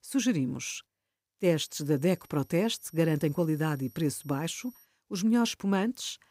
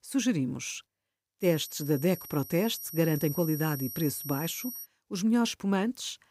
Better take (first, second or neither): first